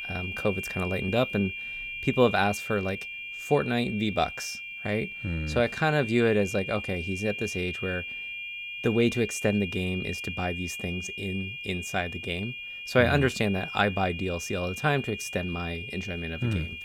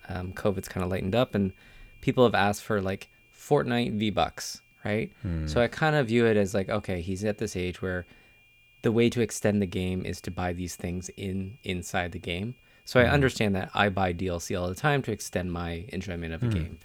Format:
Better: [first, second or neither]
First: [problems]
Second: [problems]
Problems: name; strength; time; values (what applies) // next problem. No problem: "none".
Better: second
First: high-pitched whine; loud; throughout; 2.5 kHz, 6 dB below the speech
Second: high-pitched whine; faint; throughout; 2.5 kHz, 30 dB below the speech